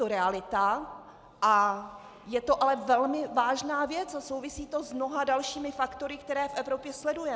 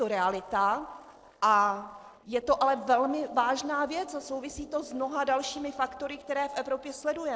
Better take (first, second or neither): first